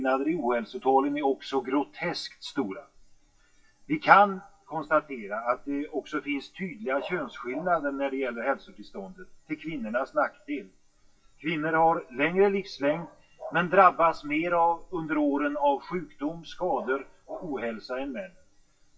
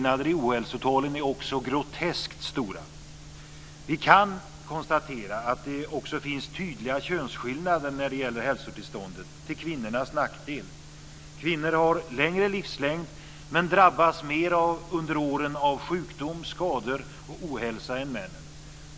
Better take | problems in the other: second | noise reduction (classical method WPE with log-MMSE)

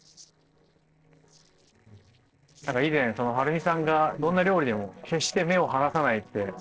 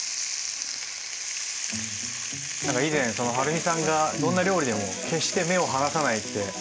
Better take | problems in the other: second | noise reduction (neural separator model SepFormer DNS4)

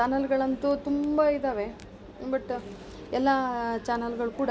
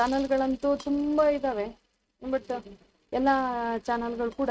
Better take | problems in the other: first | noise reduction (neural mask model RNNoise)

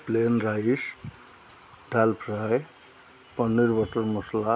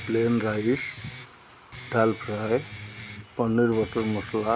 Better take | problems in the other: first | background sound (Guitar); 15 dB below the speech

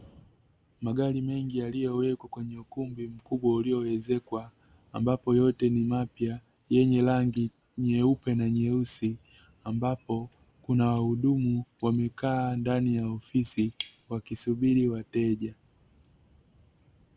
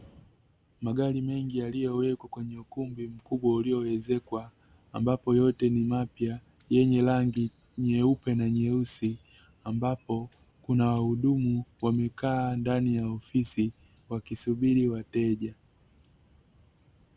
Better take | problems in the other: second | noise reduction (neural mask model Resemble Enhance denoiser)

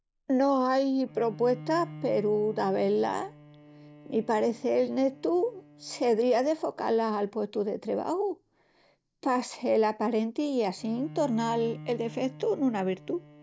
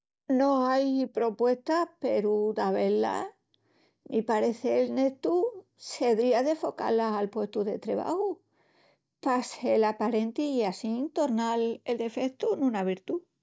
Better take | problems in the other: second | background sound (Bowed string instrument); 19 dB below the speech

